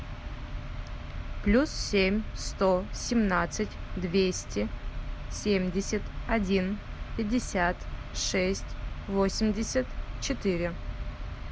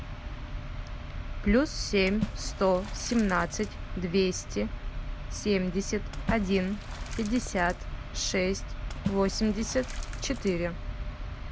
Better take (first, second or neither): first